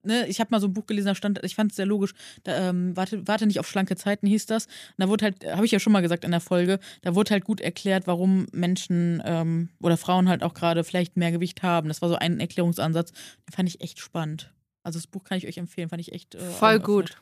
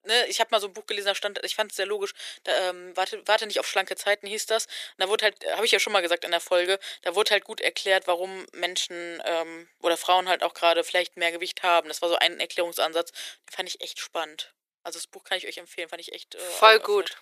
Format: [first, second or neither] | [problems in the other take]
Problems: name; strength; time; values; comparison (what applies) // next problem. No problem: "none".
first | thin; very; fading below 400 Hz